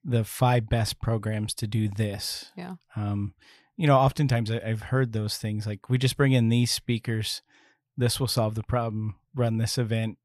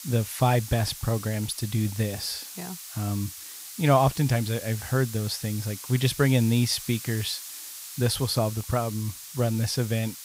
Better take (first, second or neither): first